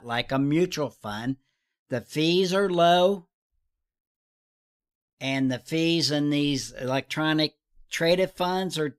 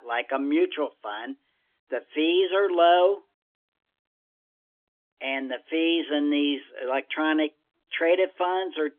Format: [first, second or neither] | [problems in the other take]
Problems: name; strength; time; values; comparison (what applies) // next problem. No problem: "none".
first | phone-call audio; nothing above 3.5 kHz